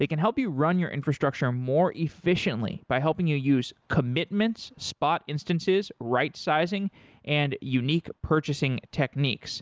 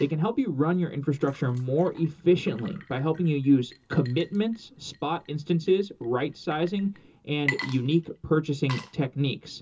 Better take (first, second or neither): first